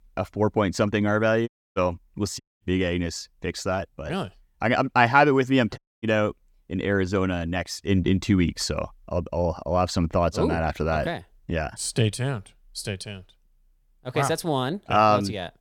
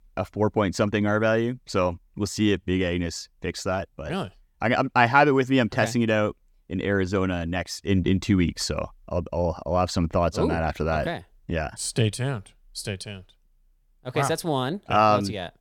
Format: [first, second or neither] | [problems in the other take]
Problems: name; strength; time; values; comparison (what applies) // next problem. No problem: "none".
second | audio cutting out; at 1.5 s, at 2.5 s and at 6 s